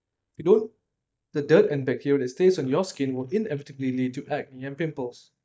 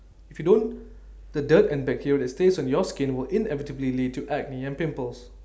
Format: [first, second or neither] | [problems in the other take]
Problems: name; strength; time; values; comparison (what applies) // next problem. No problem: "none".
second | noise reduction (neural mask model DeepFilterNet 3)